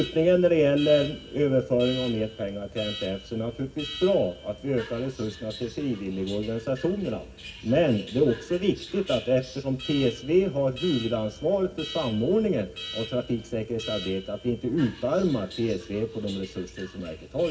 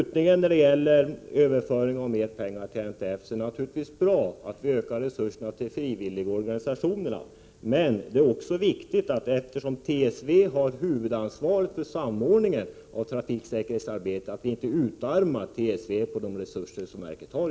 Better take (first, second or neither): second